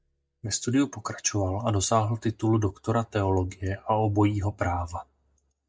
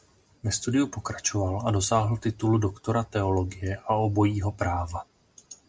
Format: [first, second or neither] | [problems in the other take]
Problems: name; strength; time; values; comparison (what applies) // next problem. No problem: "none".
second | noise reduction (neural mask model DeepFilterNet 3)